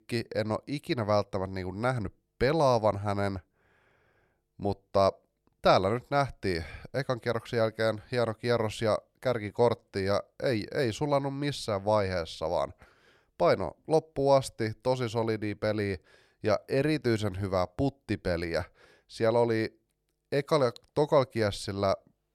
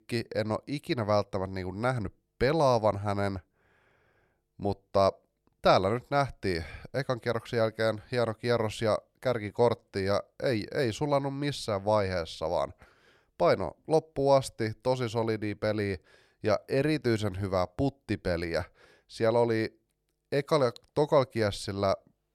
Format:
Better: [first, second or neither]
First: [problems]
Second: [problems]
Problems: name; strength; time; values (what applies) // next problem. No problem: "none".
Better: neither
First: none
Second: none